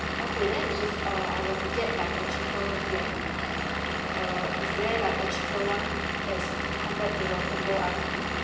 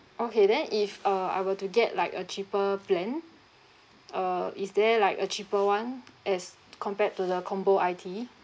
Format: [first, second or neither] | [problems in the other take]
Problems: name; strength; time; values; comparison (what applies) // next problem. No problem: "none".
second | background sound (Engine / Vehicle); 3 dB above the speech // room echo; dies away in 1.3 s